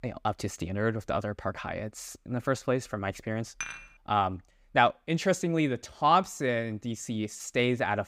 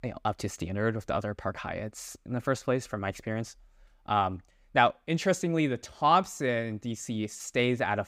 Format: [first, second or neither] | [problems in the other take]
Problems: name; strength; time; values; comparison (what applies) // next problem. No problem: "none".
second | clattering dishes; noticeable; at 3.5 s; peak 8 dB below the speech